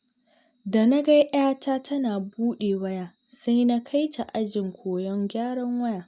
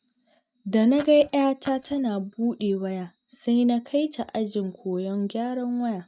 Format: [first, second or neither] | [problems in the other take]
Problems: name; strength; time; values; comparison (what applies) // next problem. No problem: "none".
first | noise reduction (neural mask model RNNoise)